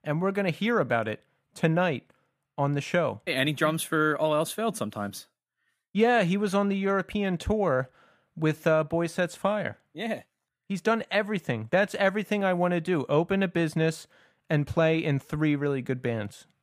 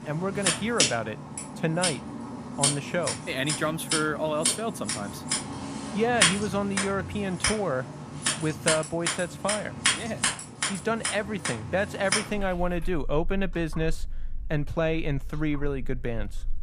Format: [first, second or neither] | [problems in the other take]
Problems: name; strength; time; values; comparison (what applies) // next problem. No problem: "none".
first | household noises; very loud; throughout; 1 dB above the speech